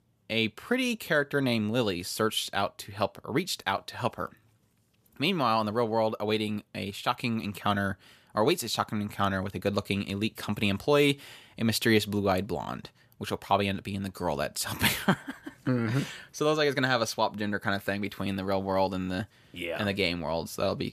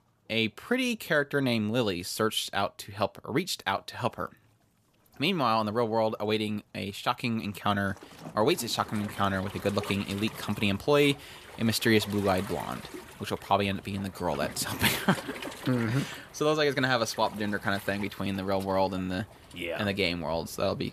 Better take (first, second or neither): first